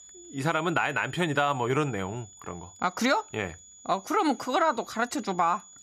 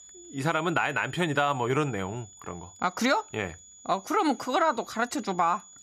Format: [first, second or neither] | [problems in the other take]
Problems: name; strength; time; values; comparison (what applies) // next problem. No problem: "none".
neither | high-pitched whine; faint; throughout; 7 kHz, 20 dB below the speech; the same in both